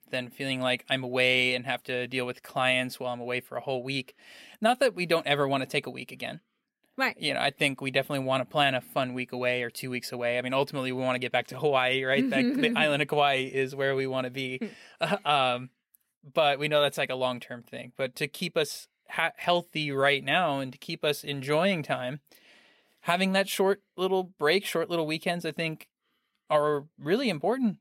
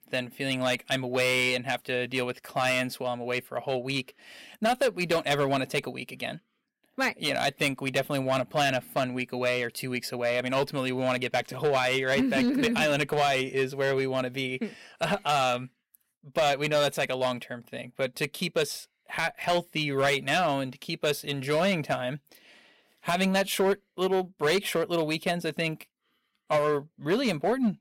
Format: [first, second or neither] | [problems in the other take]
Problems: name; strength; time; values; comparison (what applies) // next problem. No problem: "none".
first | distortion; slight; 5% of the sound clipped